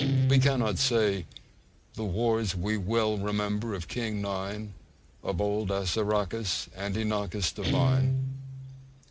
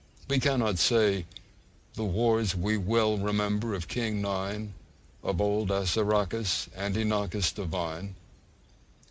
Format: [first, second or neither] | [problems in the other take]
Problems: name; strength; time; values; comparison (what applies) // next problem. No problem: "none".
second | background sound (Guitar); 4 dB below the speech